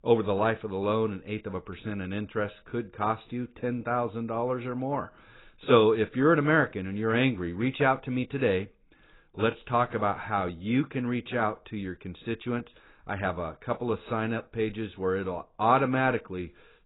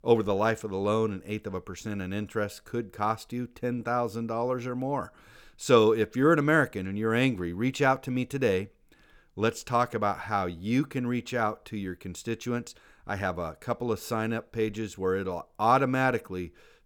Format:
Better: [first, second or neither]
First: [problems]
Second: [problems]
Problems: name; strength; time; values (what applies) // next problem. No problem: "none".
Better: second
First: garbled, watery; badly; nothing above 4 kHz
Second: none